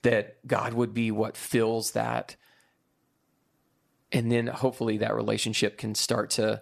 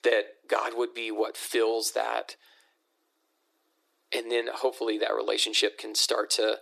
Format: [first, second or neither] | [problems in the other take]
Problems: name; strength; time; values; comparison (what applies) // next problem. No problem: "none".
first | thin; very; fading below 300 Hz